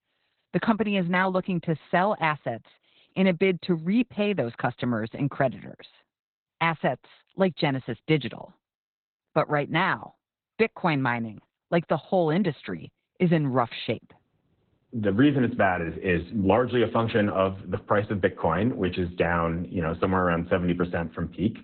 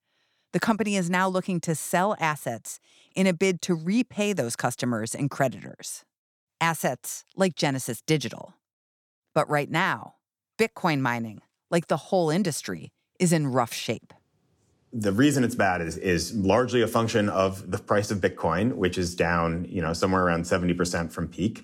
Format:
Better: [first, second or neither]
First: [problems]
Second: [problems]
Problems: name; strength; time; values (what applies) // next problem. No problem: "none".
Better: second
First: garbled, watery; badly; nothing above 4 kHz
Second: none